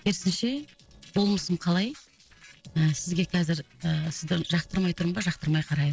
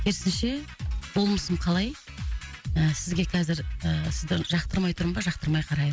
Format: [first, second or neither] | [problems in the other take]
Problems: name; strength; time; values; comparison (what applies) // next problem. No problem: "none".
second | noise reduction (neural separator model SepFormer DNS4)